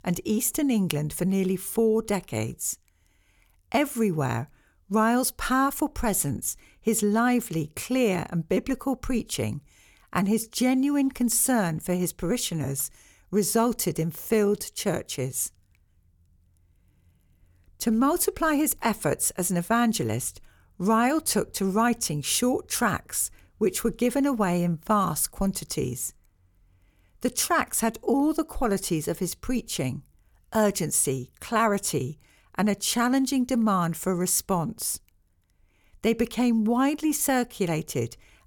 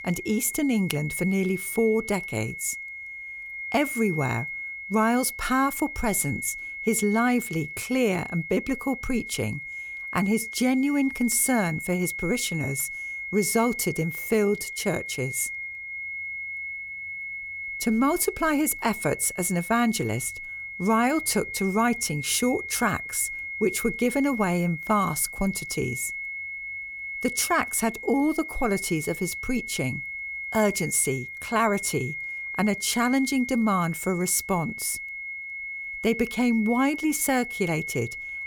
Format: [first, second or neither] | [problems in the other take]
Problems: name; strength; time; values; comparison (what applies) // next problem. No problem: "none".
first | high-pitched whine; loud; throughout; 2 kHz, 7 dB below the speech